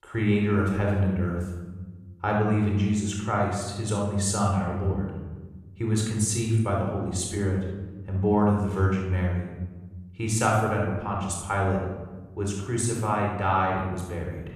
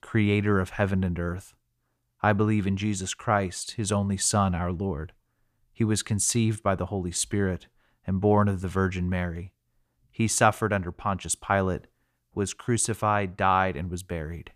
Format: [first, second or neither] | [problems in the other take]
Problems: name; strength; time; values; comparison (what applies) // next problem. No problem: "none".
second | off-mic speech; somewhat distant // room echo; noticeable; dies away in 1.2 s